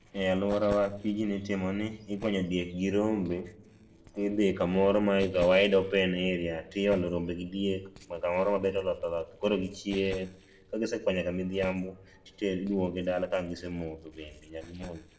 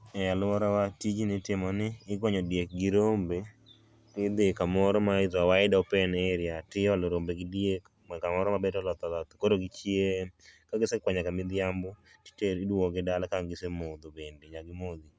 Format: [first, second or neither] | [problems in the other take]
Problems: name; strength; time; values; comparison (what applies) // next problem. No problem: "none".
second | noise reduction (neural separator model SepFormer DNS4)